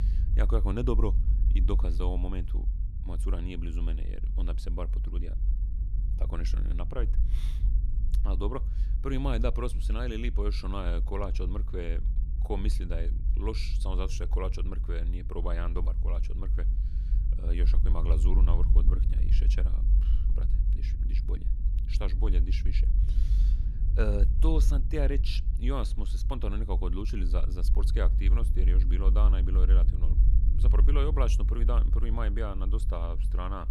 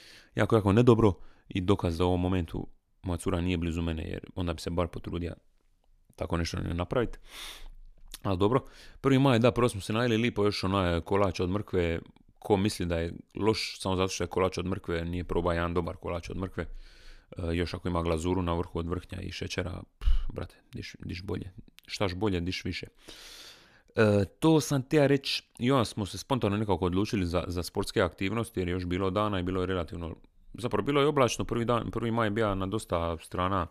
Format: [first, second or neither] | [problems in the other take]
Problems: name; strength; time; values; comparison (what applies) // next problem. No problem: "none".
second | low rumble; noticeable; throughout; 10 dB below the speech